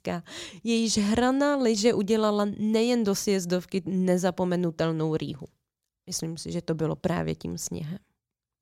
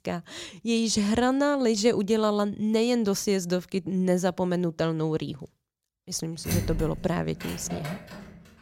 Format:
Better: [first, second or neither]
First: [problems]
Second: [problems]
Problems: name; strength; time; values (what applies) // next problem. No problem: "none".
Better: first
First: none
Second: door banging; noticeable; from 6.5 s on; peak 3 dB below the speech